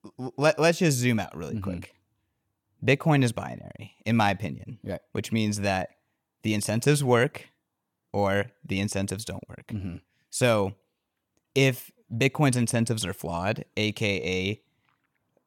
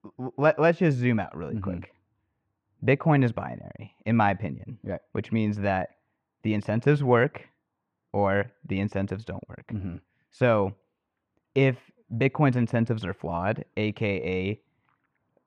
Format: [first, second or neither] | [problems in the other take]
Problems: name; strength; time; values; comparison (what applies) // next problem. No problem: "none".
first | muffled; very; fading above 1.5 kHz